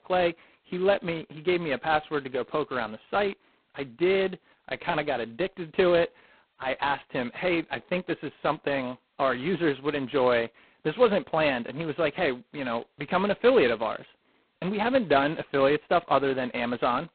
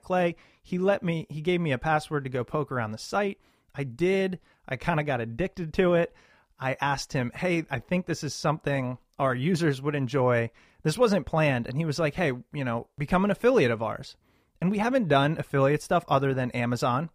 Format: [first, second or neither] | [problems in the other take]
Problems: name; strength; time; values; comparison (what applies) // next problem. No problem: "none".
second | phone-call audio; poor line; nothing above 4 kHz